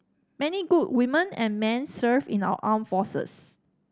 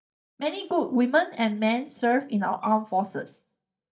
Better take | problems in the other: first | noise reduction (neural mask model DeepFilterNet 3)

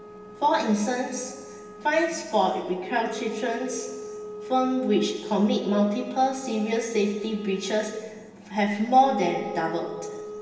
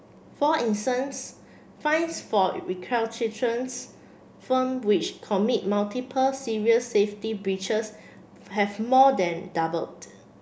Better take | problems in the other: second | background sound (Wind instrument, woodwind instrument); 14 dB below the speech // room echo; dies away in 1.2 s

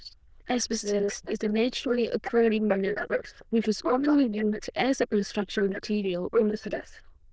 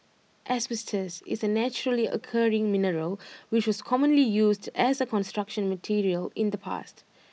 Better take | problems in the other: second | noise reduction (neural diffusion model UNIVERSE++)

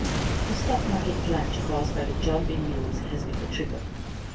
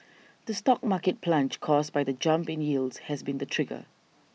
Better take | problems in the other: second | background sound (Boom); 4 dB above the speech // room echo; dies away in 0.2 s

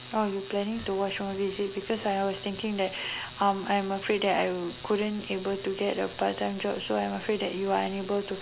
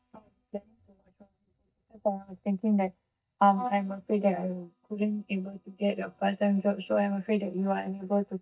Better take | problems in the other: first | noise reduction (neural mask model DeepFilterNet 3)

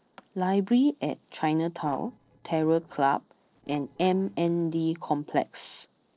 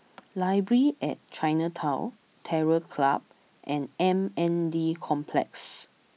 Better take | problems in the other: second | noise reduction (neural separator model SepFormer DNS4)

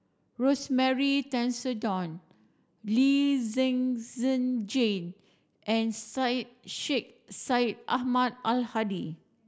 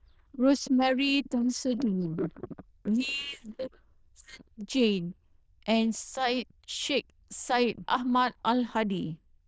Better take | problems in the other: first | noise reduction (neural diffusion model UNIVERSE++)

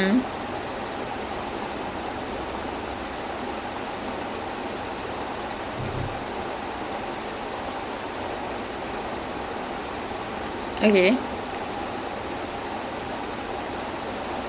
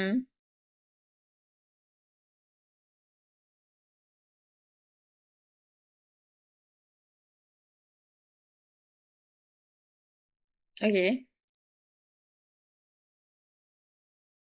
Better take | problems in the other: first | noise reduction (neural mask model Resemble Enhance denoiser)

